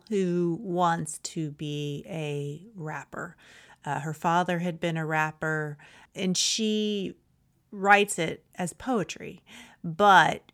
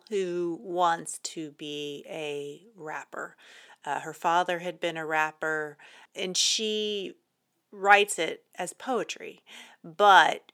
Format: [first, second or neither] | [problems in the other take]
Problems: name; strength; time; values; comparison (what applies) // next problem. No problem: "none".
first | thin; somewhat; fading below 400 Hz